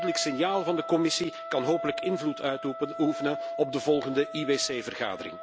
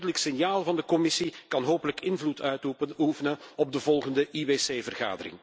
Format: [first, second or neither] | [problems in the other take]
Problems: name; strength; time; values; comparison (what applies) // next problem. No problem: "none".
second | background sound (Wind instrument, woodwind instrument); 8 dB below the speech